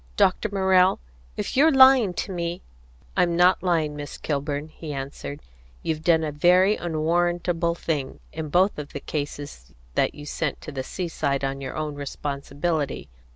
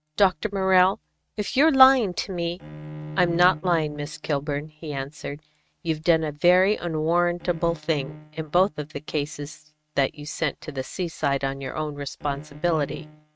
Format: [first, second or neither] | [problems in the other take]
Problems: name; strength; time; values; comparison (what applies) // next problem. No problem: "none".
first | noise reduction (neural mask model RNNoise)